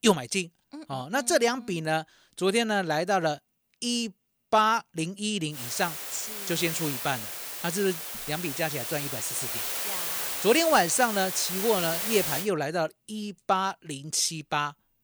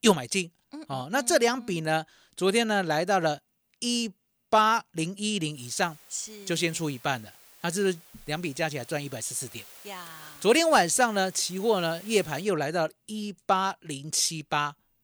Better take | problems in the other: second | hiss; loud; from 5.5 to 12 s; 3 dB below the speech; faint in the second

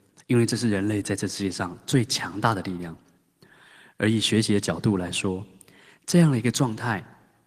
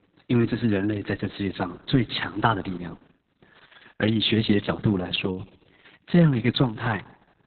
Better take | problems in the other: first | garbled, watery; badly; nothing above 4 kHz; slightly in the first

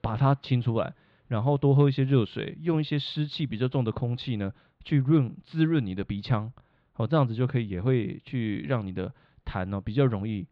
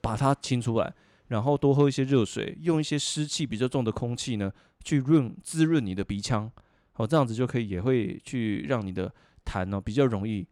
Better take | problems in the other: second | muffled; slightly; fading above 4 kHz

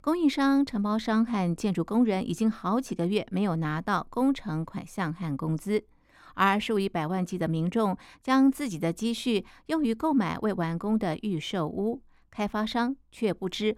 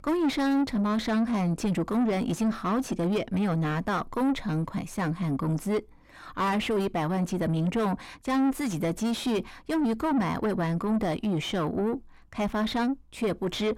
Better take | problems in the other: first | distortion; heavy; 7 dB below the speech

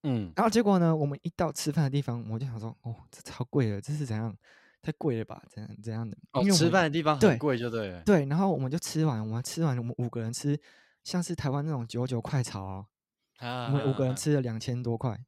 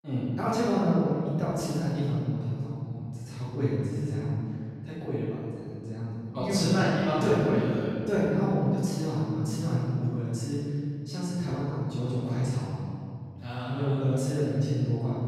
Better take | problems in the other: first | room echo; strong; dies away in 2.3 s // off-mic speech; far

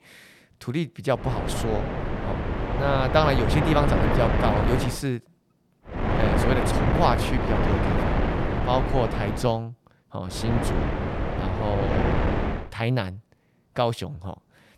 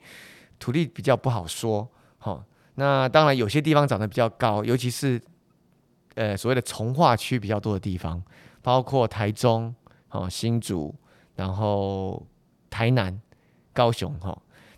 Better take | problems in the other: second | wind noise on the microphone; heavy; from 1.5 to 5 s, from 6 to 9.5 s and from 10 to 13 s; 1 dB below the speech

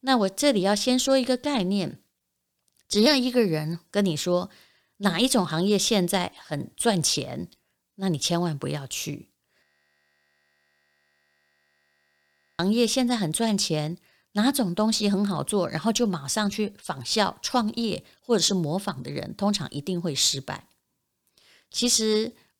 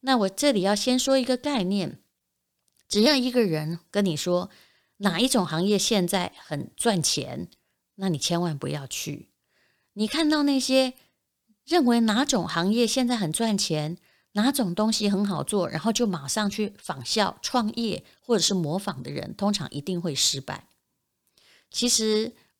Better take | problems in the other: second | audio freezing; at 9.5 s for 3 s

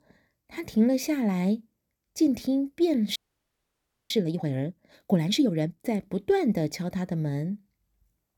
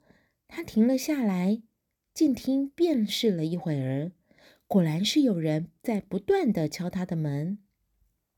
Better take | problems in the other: second | audio freezing; at 3 s for 1 s

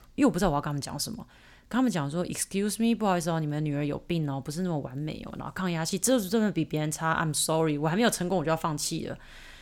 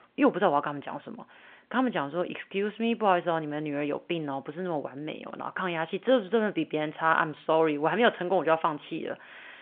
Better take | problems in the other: first | phone-call audio; nothing above 3.5 kHz

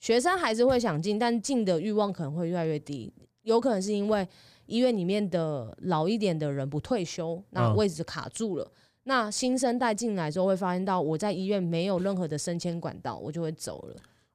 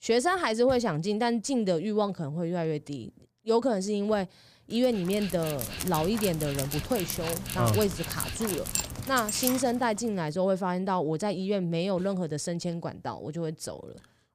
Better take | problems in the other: first | dog barking; noticeable; from 5 to 9.5 s; peak 1 dB below the speech

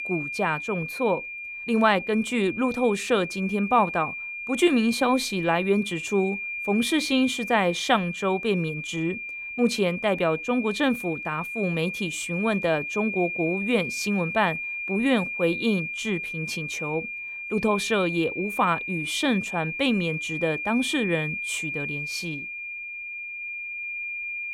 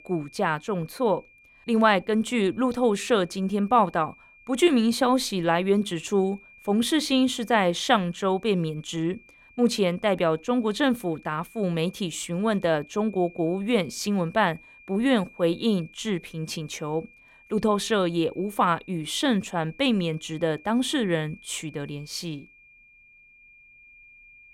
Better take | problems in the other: second | high-pitched whine; loud; throughout; 2.5 kHz, 5 dB below the speech; faint in the second

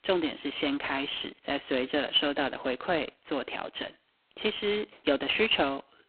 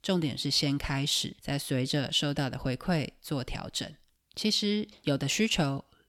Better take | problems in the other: second | phone-call audio; poor line

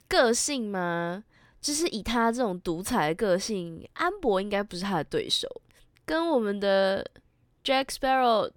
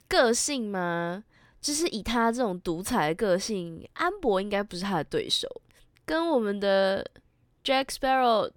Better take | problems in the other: neither | none

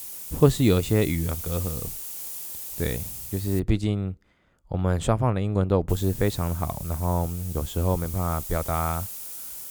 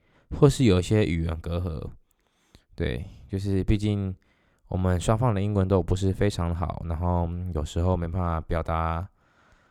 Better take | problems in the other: second | hiss; loud; until 3.5 s and from 6 s on; 8 dB below the speech

